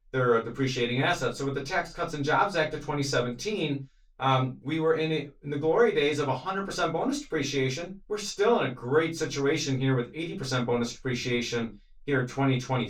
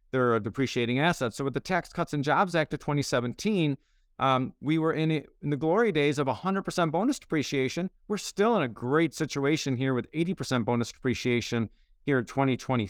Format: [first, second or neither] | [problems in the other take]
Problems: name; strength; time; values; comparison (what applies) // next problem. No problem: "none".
second | room echo; slight; dies away in 0.2 s // off-mic speech; far